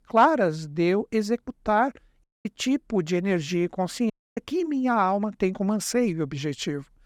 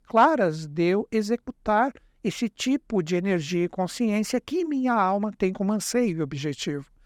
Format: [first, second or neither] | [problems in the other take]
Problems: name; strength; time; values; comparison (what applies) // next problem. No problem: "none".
second | audio cutting out; at 2 s and at 4 s